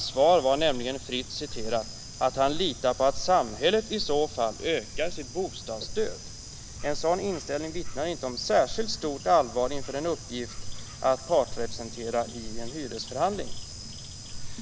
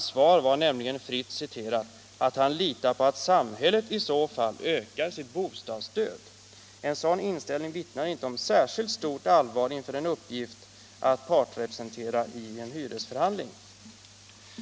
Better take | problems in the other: second | background sound (Bird / Insect); 8 dB below the speech

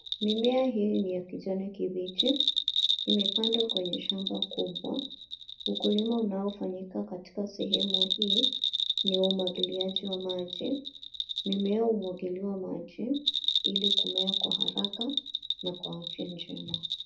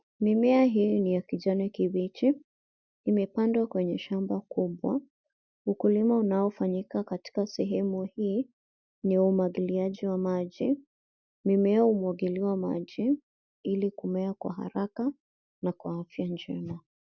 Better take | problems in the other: second | background sound (Bell); 1 dB below the speech // room echo; dies away in 0.3 s

